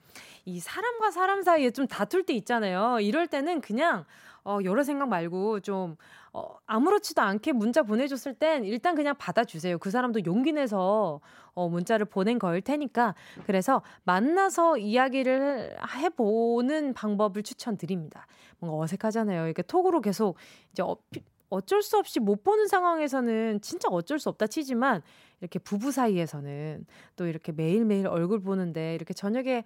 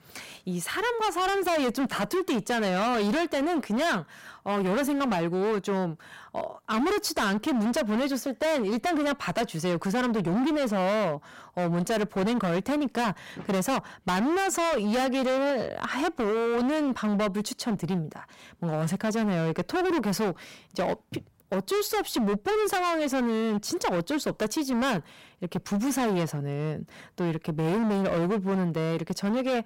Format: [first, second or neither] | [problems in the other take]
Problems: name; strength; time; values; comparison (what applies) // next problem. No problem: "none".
first | distortion; heavy; 27% of the sound clipped